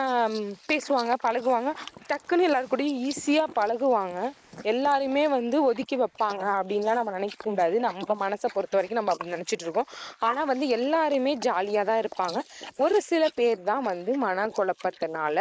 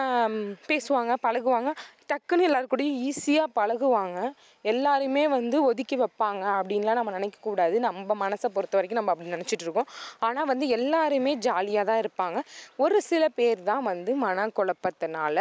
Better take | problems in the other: second | noise reduction (neural mask model Resemble Enhance denoiser)

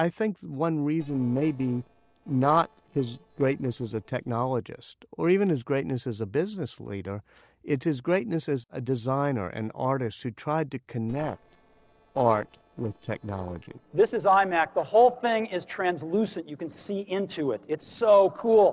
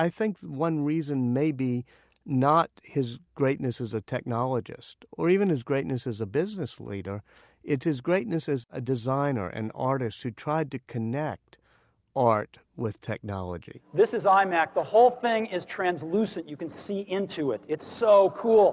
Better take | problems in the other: second | noise reduction (neural separator model SepFormer DNS4)

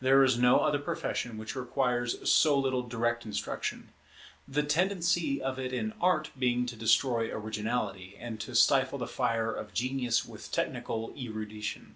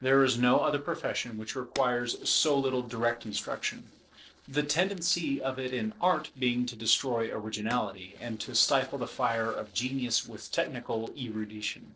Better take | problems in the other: first | noise reduction (neural separator model SepFormer DNS4)

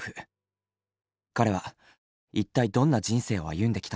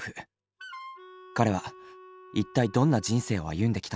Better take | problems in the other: first | background sound (Wind instrument, woodwind instrument); 19 dB below the speech

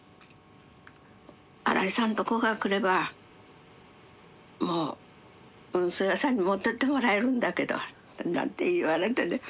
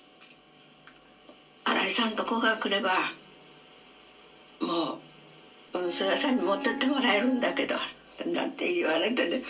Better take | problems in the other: first | background sound (Bowed string instrument); 9 dB below the speech // room echo; dies away in 0.2 s

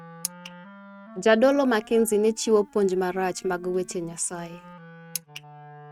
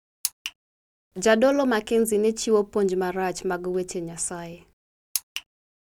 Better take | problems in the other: second | noise reduction (neural mask model RNNoise)

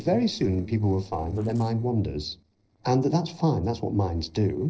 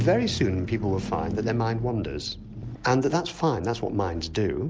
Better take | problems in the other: second | noise reduction (neural separator model SepFormer DNS4)

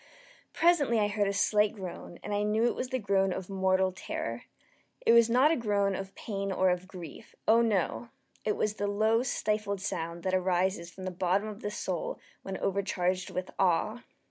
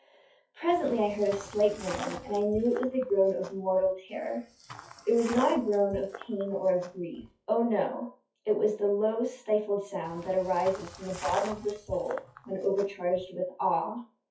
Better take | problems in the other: first | noise reduction (classical method WPE with log-MMSE)

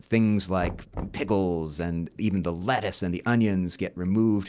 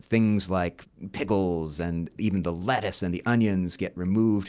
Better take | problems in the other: second | background sound (Knock); 16 dB below the speech

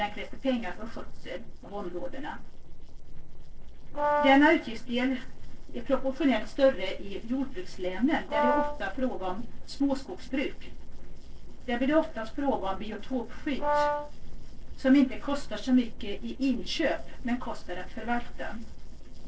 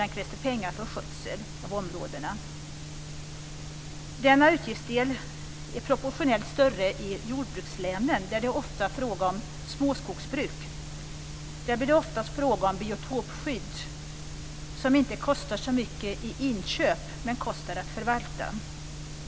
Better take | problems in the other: second | noise reduction (neural separator model SepFormer DNS4)

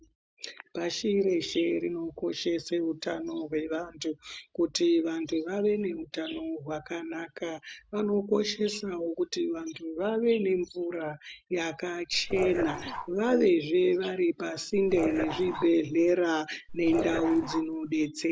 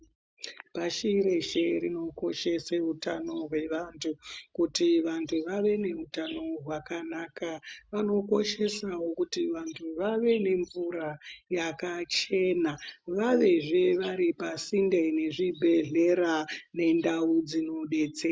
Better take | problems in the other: second | background sound (Dog); 8 dB below the speech

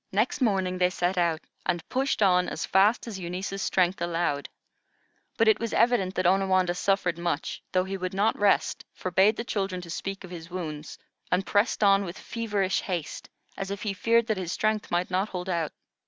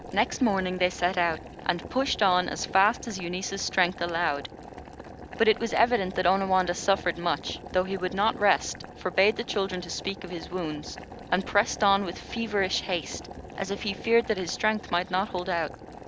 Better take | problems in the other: first | background sound (Boiling); 14 dB below the speech

